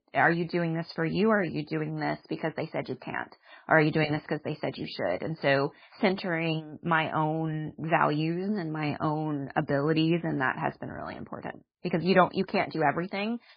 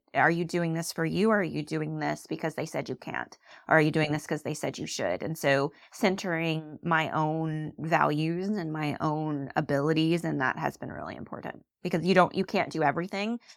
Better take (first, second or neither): second